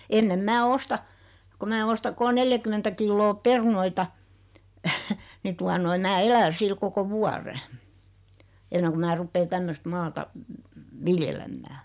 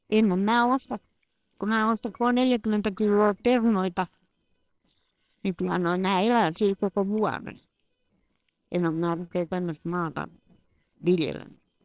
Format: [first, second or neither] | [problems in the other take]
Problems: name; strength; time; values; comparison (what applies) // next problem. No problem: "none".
first | noise reduction (neural separator model SepFormer WHAMR!)